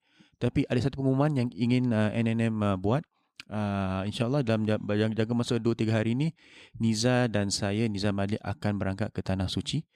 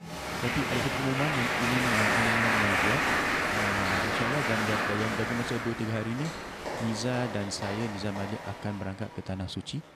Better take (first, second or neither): first